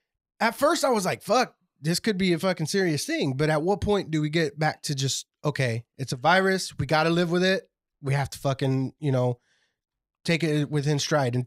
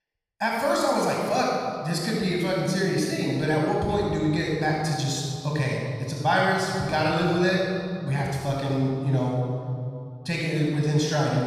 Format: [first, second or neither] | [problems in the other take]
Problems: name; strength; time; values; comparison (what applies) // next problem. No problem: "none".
first | off-mic speech; somewhat distant // room echo; strong; dies away in 2.1 s